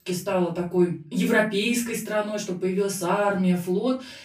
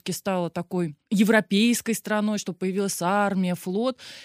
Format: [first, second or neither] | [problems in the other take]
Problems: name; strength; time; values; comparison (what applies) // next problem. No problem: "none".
second | off-mic speech; far // room echo; slight; dies away in 0.3 s